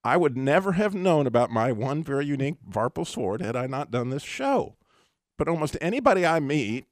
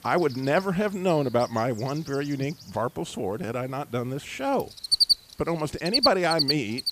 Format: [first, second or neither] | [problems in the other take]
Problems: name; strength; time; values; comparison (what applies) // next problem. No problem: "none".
first | animal sounds; very loud; throughout; 4 dB above the speech